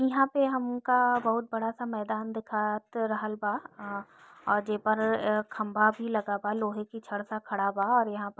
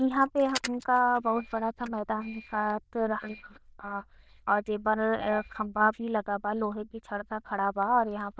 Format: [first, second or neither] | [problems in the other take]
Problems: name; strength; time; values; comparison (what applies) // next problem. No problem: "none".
first | noise reduction (neural diffusion model UNIVERSE++)